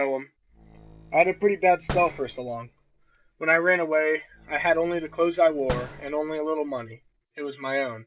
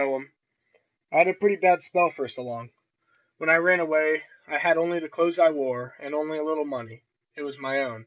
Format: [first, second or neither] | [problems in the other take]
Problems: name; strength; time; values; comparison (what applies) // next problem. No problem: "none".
second | background sound (Slam); 15 dB below the speech